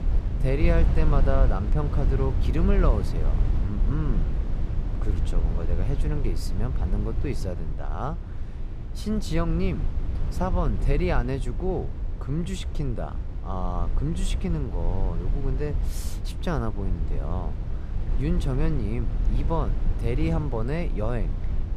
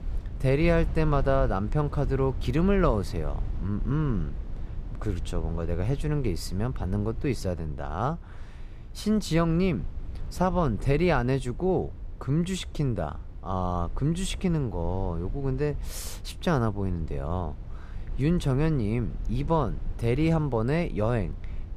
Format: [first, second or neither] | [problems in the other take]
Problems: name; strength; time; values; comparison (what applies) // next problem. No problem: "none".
second | low rumble; loud; throughout; 9 dB below the speech; faint in the second